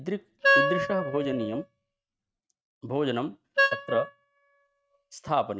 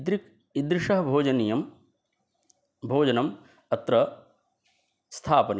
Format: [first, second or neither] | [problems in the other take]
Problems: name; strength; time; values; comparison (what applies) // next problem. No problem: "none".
second | noise reduction (neural mask model RNNoise)